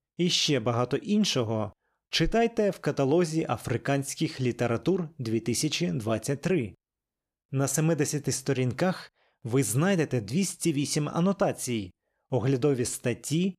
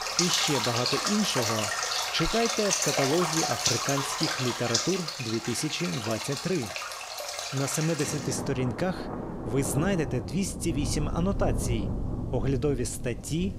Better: first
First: none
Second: rain or running water; loud; throughout; as loud as the speech

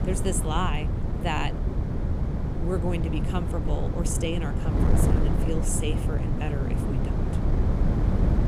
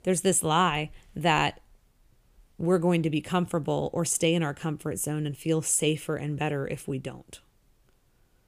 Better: second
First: wind noise on the microphone; heavy; 3 dB below the speech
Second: none

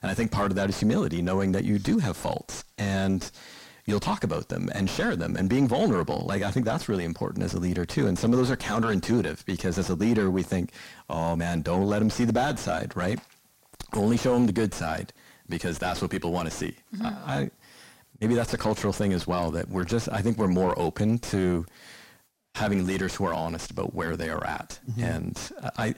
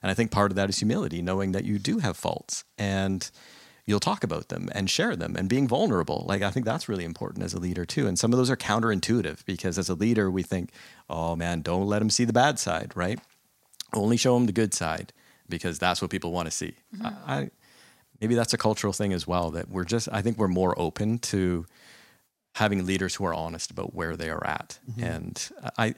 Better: second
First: distortion; heavy; 6 dB below the speech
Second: none

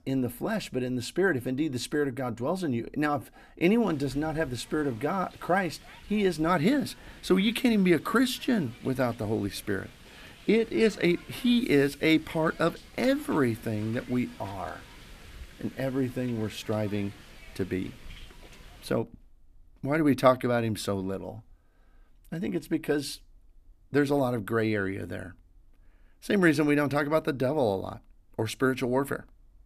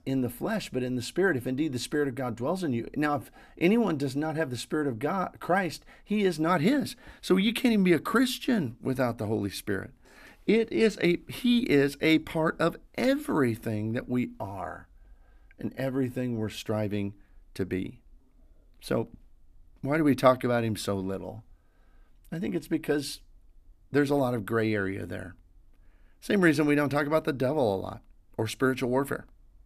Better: second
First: hiss; faint; from 4 to 19 s; 20 dB below the speech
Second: none

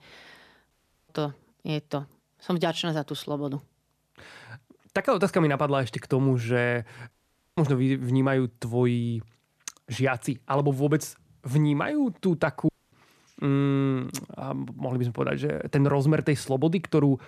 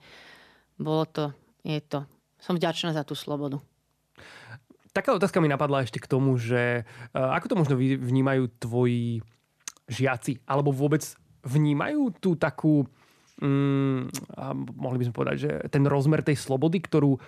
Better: second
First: audio cutting out; at 0.5 s, at 7 s and at 13 s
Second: none

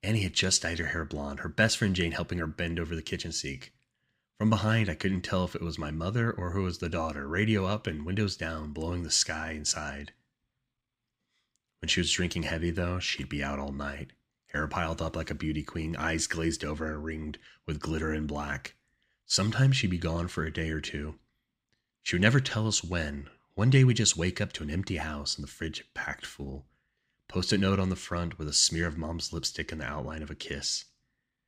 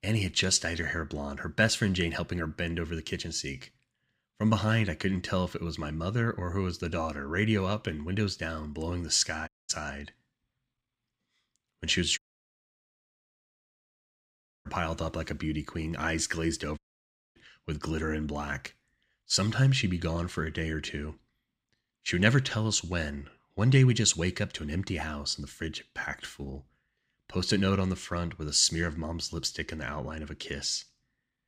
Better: first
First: none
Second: audio cutting out; at 9.5 s, at 12 s for 2.5 s and at 17 s for 0.5 s

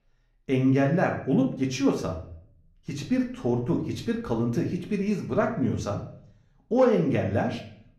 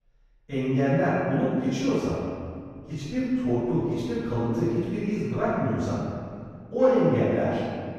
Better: first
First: room echo; slight; dies away in 0.5 s // off-mic speech; somewhat distant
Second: room echo; strong; dies away in 2 s // off-mic speech; far

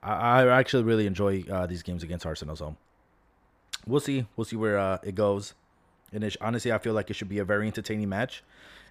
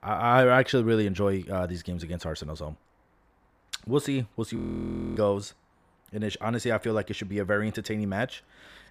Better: first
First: none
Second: audio freezing; at 4.5 s for 0.5 s

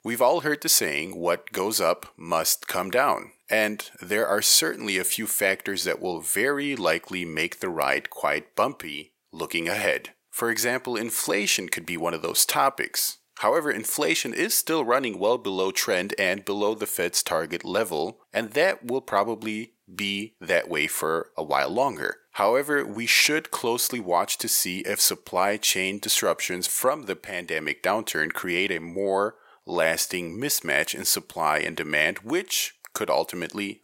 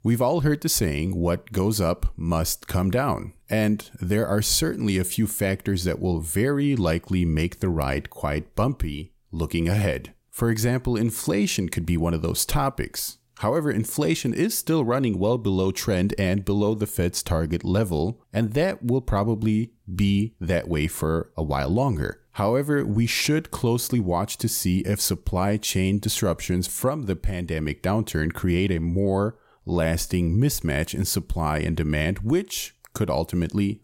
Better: second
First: thin; very; fading below 500 Hz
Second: none

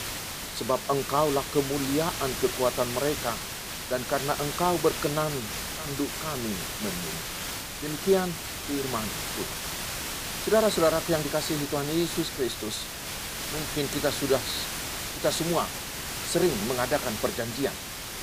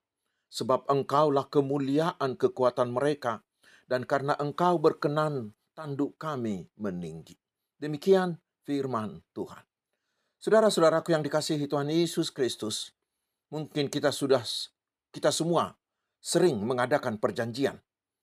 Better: second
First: hiss; loud; throughout; 4 dB below the speech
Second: none

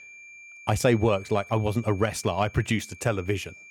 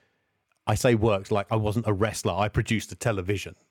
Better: second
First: high-pitched whine; noticeable; throughout; 2.5 kHz, 20 dB below the speech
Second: none

